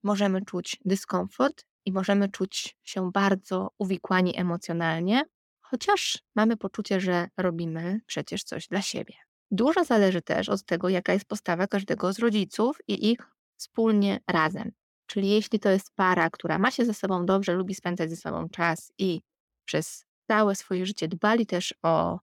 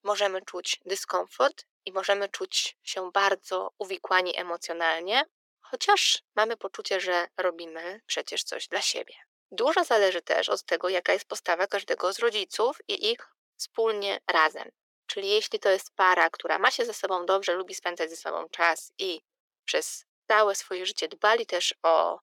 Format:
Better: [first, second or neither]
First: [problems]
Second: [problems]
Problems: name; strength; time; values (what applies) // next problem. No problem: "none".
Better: first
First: none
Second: thin; very; fading below 400 Hz